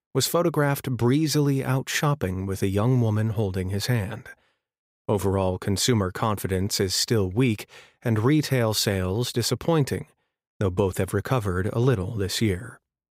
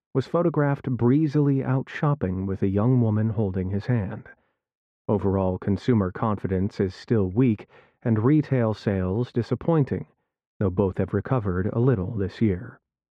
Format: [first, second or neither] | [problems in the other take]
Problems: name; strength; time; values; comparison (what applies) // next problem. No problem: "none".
first | muffled; very; fading above 1.5 kHz